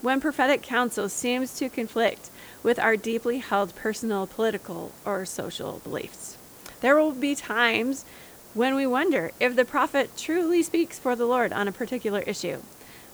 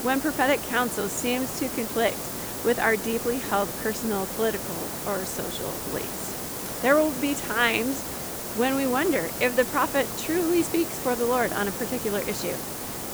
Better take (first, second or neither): first